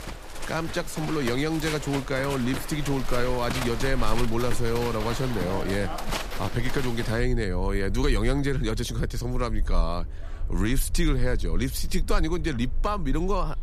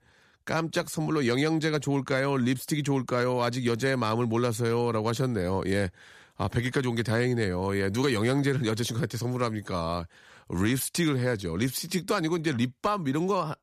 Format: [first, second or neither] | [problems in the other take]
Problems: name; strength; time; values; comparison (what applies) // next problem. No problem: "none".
second | animal sounds; loud; throughout; 5 dB below the speech